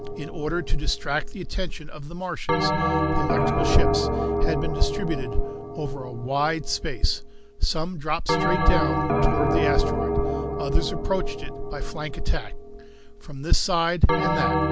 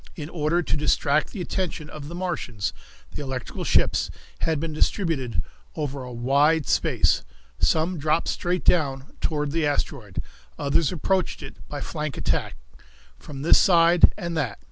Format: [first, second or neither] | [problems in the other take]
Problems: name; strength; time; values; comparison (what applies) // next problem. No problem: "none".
second | background sound (Bell); 2 dB below the speech